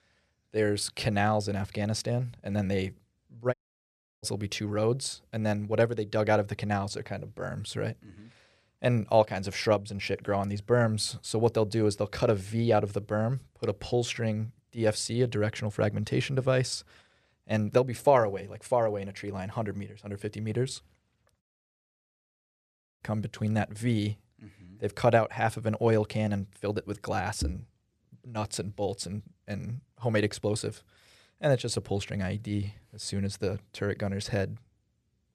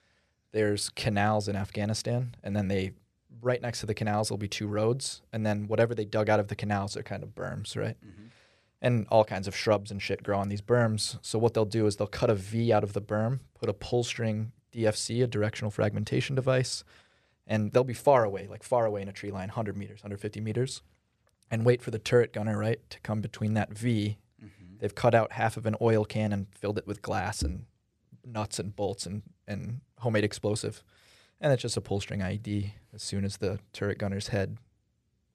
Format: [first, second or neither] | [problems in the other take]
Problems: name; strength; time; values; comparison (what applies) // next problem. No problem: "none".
second | audio cutting out; at 3.5 s for 0.5 s and at 21 s for 1.5 s